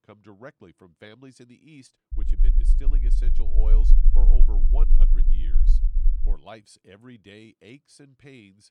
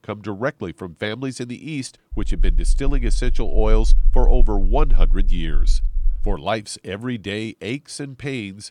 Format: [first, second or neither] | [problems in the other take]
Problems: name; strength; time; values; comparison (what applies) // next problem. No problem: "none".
second | low rumble; loud; from 2 to 6.5 s; 3 dB below the speech; faint in the second